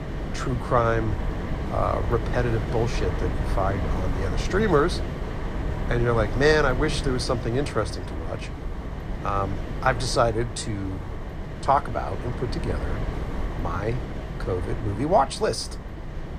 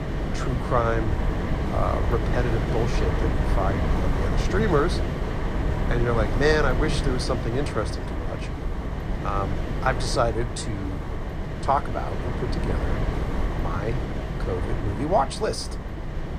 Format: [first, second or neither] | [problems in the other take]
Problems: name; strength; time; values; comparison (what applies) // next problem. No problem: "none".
first | wind noise on the microphone; heavy; 5 dB below the speech; occasional gusts in the first